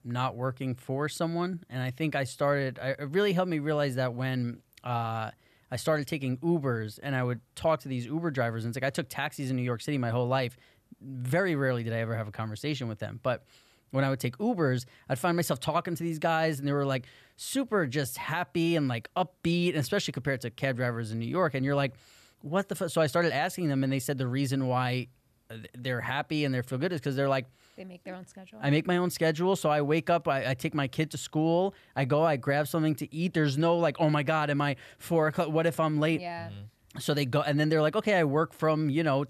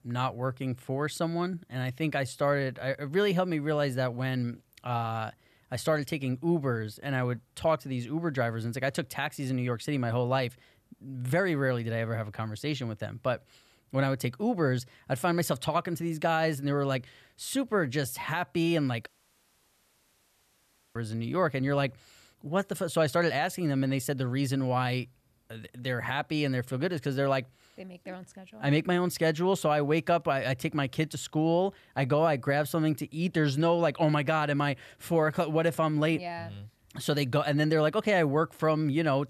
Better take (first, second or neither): first